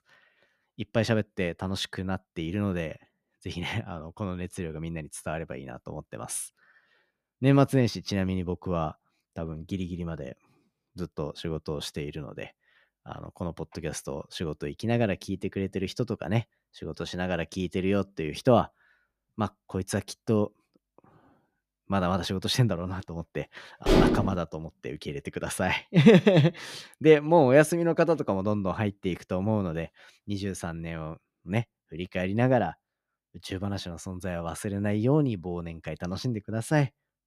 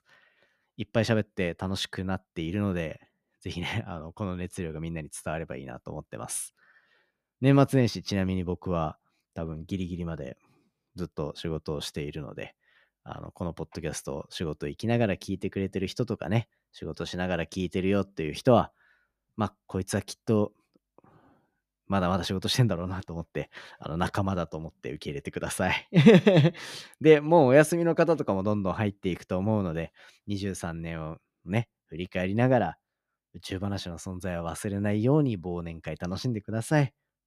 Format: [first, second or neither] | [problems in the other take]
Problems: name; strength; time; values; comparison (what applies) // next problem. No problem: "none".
second | clattering dishes; loud; at 24 s; peak 6 dB above the speech